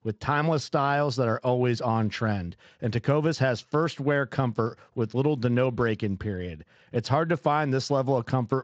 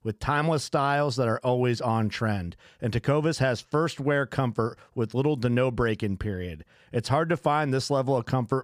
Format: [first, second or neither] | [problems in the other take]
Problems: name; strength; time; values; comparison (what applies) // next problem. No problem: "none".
second | garbled, watery; slightly; nothing above 7.5 kHz